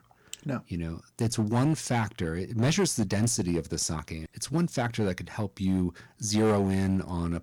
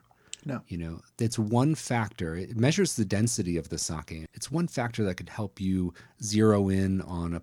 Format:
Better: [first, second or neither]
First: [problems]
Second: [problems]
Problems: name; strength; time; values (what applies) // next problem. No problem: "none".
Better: second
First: distortion; slight; 5% of the sound clipped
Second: none